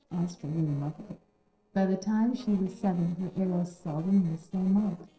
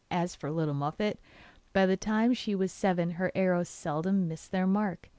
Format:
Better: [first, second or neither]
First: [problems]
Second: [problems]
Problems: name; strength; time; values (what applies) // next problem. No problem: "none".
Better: second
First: noise reduction (neural separator model SepFormer DNS4)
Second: none